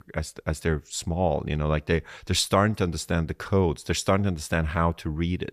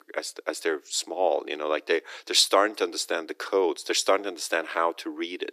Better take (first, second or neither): first